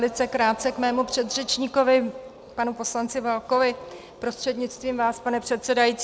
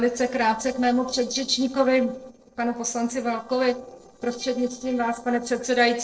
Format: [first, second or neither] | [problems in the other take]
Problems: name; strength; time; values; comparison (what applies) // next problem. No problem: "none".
first | noise reduction (neural separator model SepFormer DNS4)